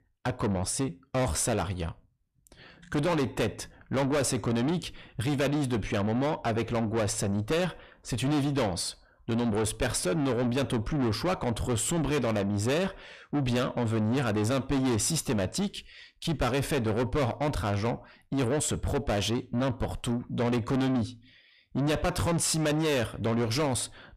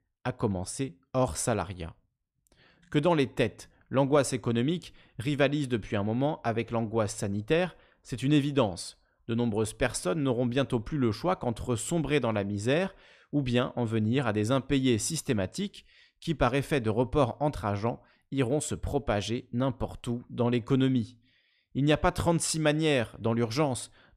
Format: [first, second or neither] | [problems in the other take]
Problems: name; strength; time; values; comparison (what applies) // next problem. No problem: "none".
second | distortion; heavy; 6 dB below the speech